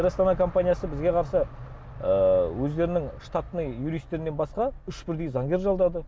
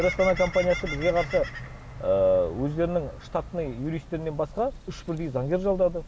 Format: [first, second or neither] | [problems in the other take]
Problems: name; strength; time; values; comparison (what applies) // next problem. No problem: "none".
first | background sound (Bird); 14 dB below the speech